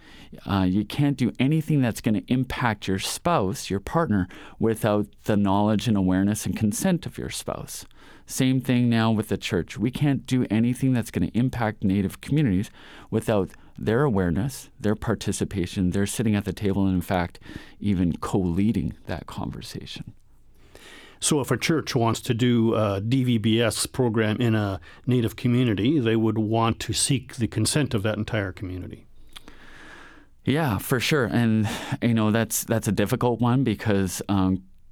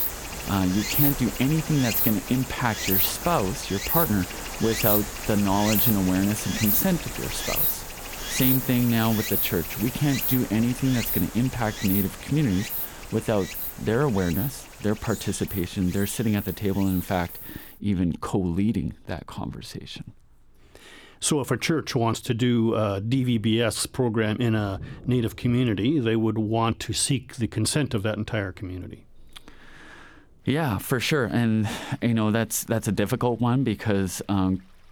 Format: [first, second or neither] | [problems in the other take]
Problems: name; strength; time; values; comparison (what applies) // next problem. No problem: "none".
first | rain or running water; loud; throughout; 2 dB below the speech